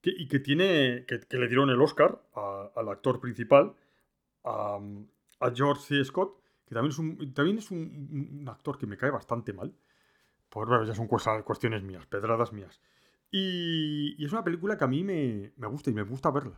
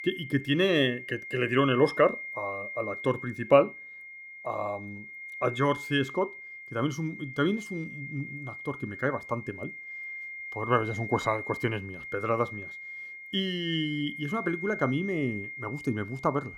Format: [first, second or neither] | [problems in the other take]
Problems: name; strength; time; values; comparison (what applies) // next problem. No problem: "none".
first | high-pitched whine; loud; throughout; 2 kHz, 9 dB below the speech